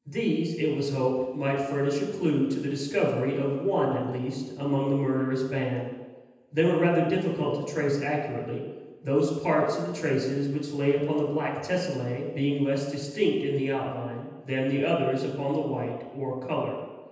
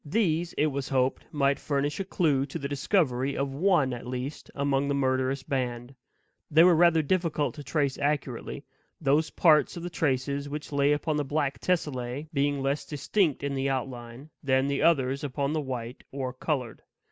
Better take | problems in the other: second | room echo; dies away in 1.1 s

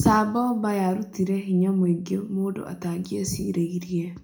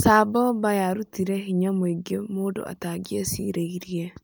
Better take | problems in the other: second | room echo; dies away in 0.4 s

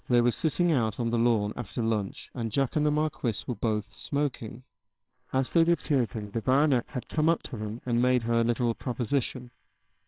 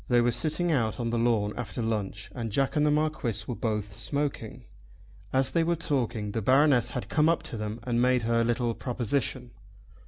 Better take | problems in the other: second | noise reduction (neural separator model SepFormer WHAMR!)

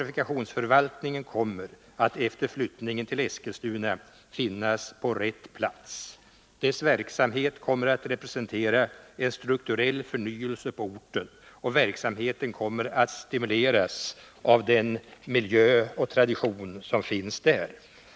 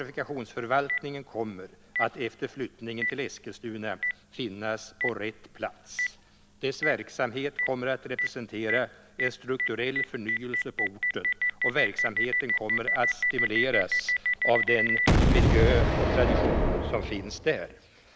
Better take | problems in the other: first | background sound (Boom); 3 dB above the speech

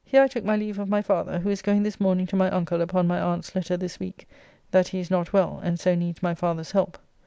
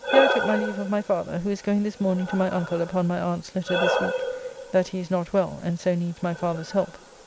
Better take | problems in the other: first | background sound (Breathing); 5 dB below the speech

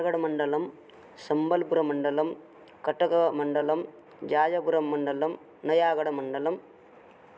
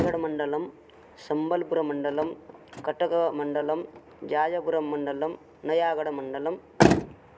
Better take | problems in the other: first | background sound (Motor vehicle (road)); 3 dB below the speech

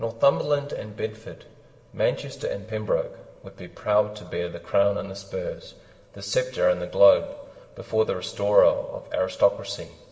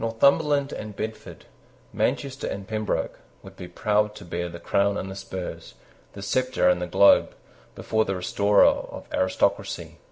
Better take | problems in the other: second | room echo; dies away in 2.7 s

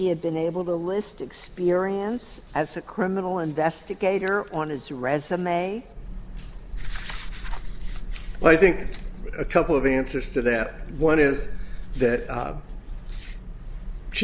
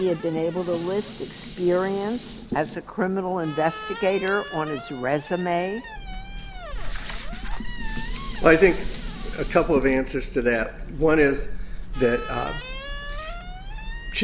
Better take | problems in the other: first | background sound (Squeak + Dishes, pots, and pans); 14 dB below the speech

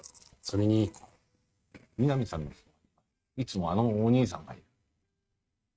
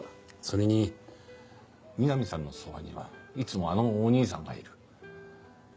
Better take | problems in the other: second | noise reduction (neural mask model RNNoise)

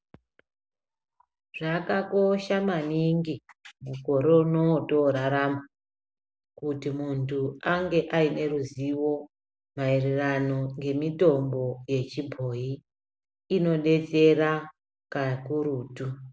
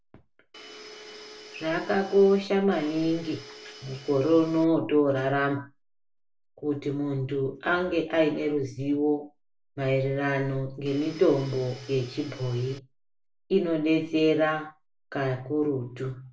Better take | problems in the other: first | background sound (Domestic sounds, home sounds); 18 dB below the speech // room echo; dies away in 0.2 s

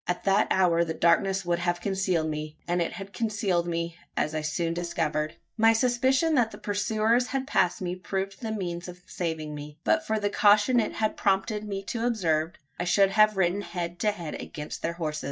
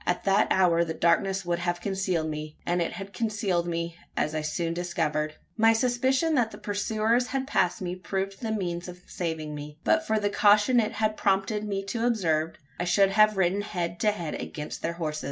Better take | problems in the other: second | noise reduction (neural mask model DeepFilterNet 3)

